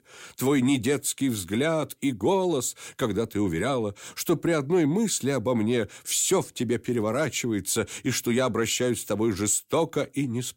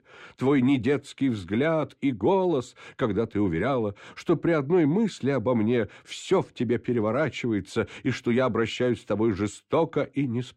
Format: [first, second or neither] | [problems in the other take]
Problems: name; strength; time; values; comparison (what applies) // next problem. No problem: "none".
first | muffled; very; fading above 2.5 kHz